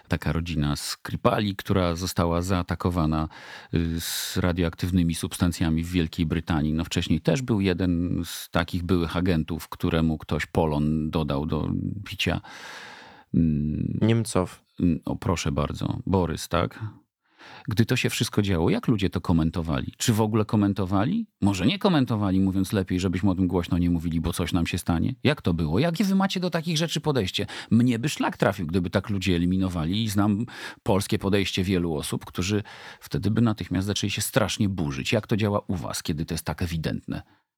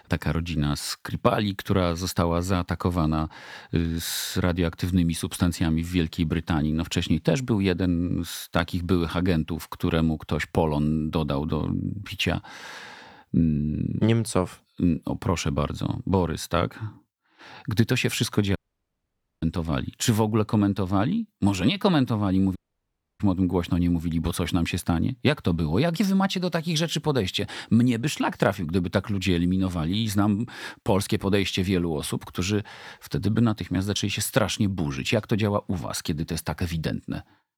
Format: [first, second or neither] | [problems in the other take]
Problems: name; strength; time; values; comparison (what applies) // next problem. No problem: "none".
first | audio cutting out; at 19 s for 1 s and at 23 s for 0.5 s